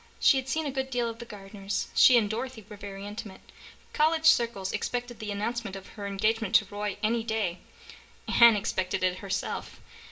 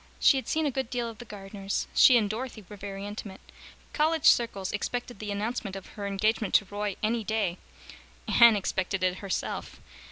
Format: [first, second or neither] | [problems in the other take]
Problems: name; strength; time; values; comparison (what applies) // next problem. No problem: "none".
second | room echo; dies away in 0.3 s